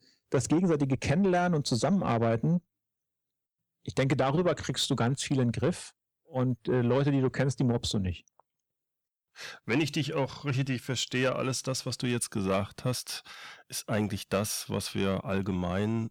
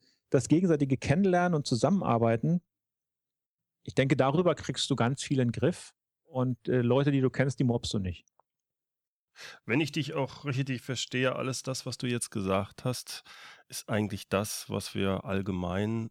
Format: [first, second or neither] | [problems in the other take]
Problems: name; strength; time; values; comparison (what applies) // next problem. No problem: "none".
second | distortion; slight; 10 dB below the speech